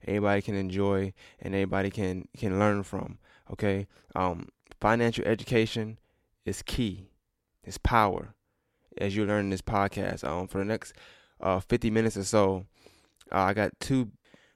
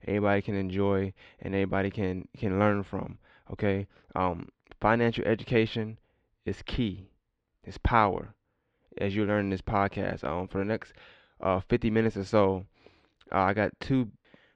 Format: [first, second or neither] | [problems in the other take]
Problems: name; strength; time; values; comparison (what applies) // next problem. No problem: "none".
first | muffled; slightly; fading above 3.5 kHz